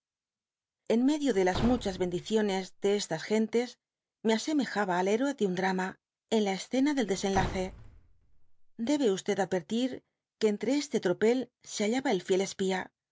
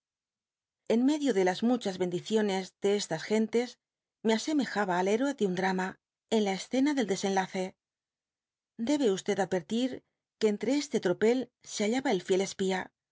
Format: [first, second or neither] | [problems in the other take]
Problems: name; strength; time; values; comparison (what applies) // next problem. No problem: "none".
second | background sound (Slam / Wood); 11 dB below the speech